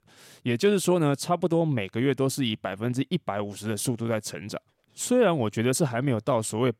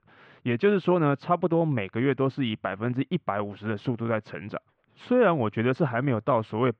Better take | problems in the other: first | muffled; very; fading above 3 kHz

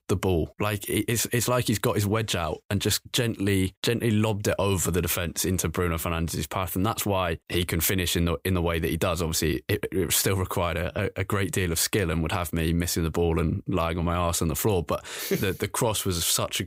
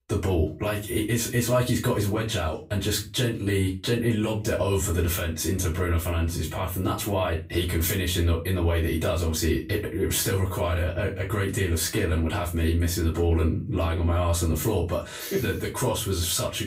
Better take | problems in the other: first | off-mic speech; far // room echo; slight; dies away in 0.3 s

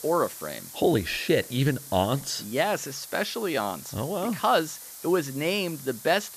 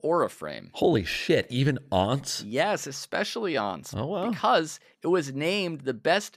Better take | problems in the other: second | hiss; noticeable; throughout; 15 dB below the speech

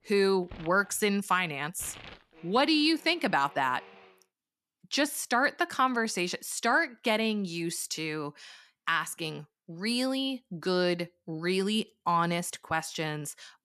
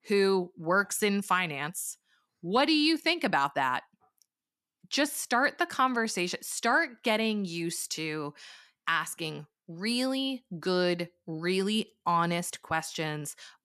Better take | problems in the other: second | household noises; faint; until 4 s; 20 dB below the speech

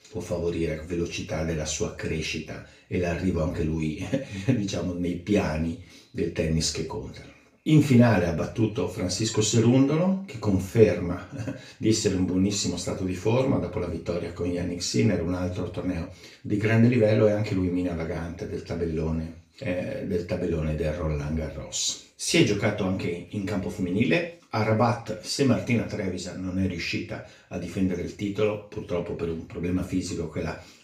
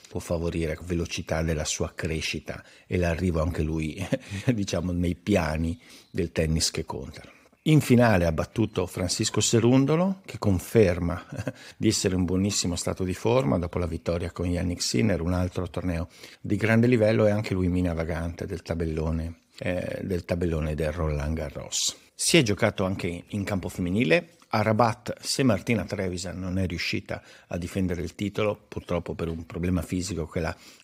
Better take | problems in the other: second | room echo; slight; dies away in 0.4 s // off-mic speech; far

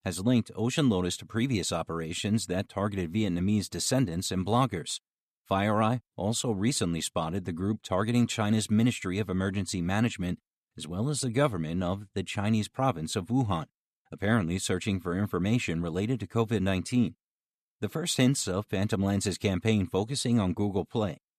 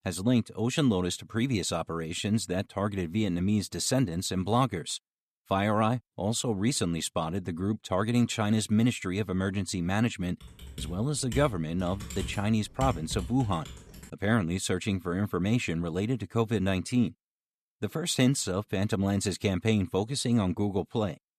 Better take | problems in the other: first | keyboard typing; noticeable; from 10 to 14 s; peak 8 dB below the speech

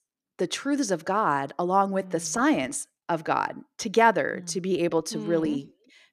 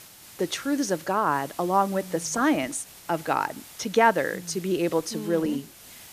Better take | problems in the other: first | hiss; noticeable; throughout; 20 dB below the speech

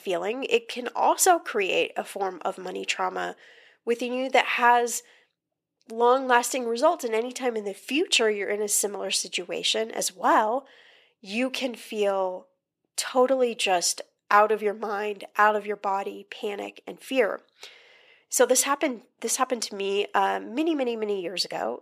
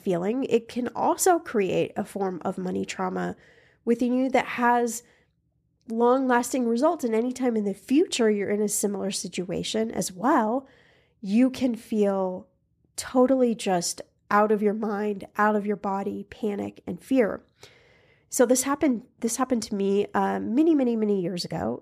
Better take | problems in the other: second | thin; somewhat; fading below 500 Hz

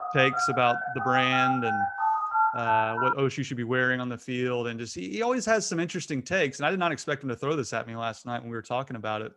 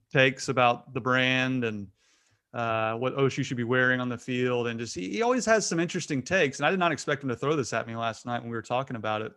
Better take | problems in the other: second | phone ringing; loud; until 3 s; peak 4 dB above the speech

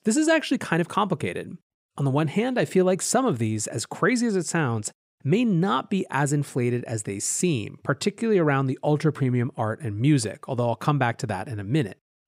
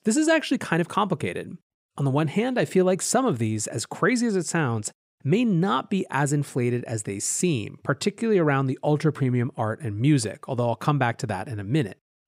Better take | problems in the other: neither | none

